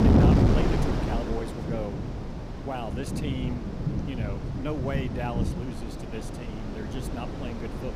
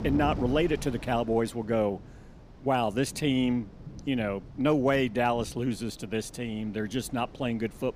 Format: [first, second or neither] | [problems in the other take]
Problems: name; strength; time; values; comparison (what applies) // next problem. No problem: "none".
second | wind noise on the microphone; heavy; 2 dB above the speech; occasional gusts in the second